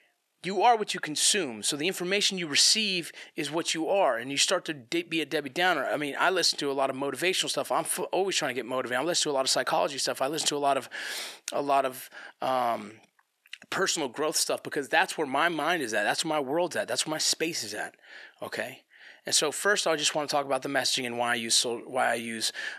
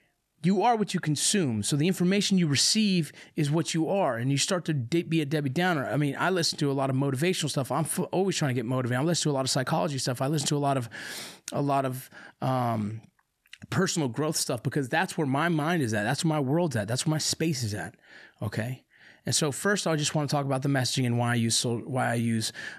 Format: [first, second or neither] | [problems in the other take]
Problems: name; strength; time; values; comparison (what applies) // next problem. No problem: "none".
second | thin; somewhat; fading below 500 Hz